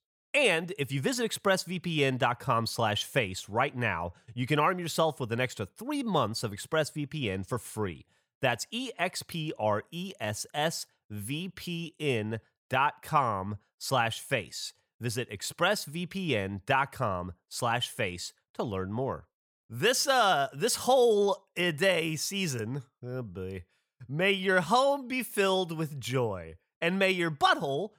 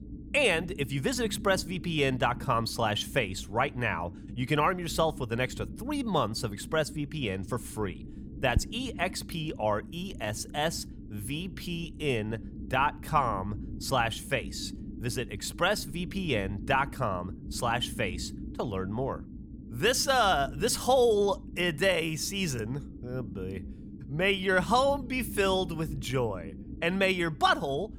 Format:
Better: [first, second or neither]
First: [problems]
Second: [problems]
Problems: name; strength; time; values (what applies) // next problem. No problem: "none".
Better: first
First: none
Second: low rumble; faint; throughout; 20 dB below the speech